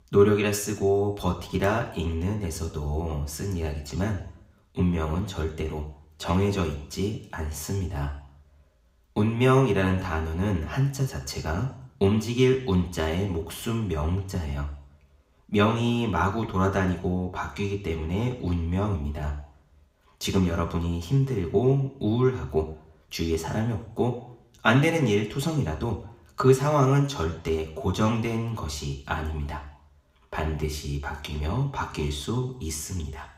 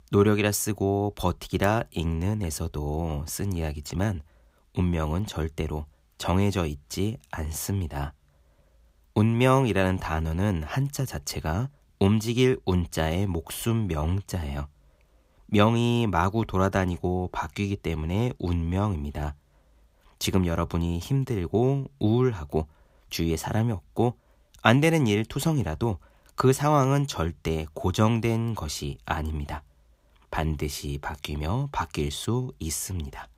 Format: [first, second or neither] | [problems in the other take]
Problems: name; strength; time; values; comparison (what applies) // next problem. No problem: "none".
second | room echo; slight; dies away in 0.7 s // off-mic speech; somewhat distant